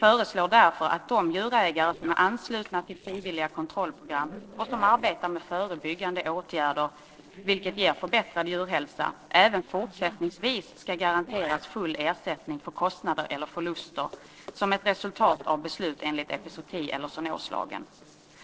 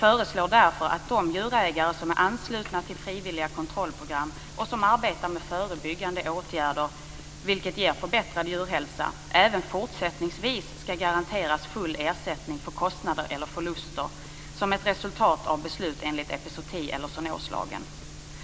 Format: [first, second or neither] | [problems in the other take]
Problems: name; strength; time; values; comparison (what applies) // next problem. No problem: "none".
second | noise reduction (neural separator model SepFormer DNS4)